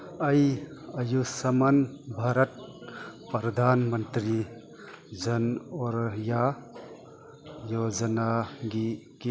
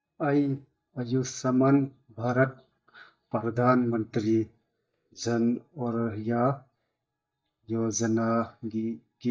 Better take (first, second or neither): first